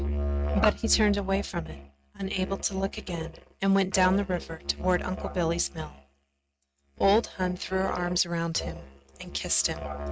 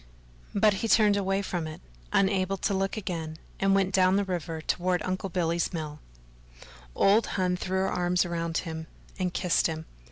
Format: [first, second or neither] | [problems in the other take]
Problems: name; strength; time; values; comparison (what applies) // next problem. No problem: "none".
second | noise reduction (neural mask model RNNoise)